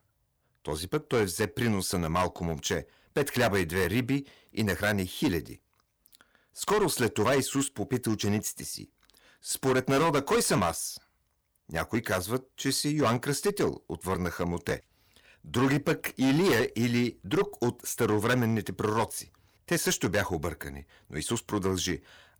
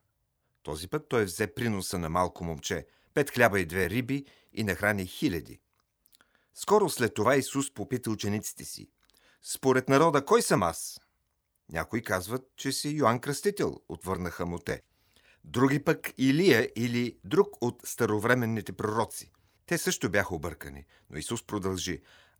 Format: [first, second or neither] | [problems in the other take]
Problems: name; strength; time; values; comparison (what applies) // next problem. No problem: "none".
second | distortion; heavy; 8% of the sound clipped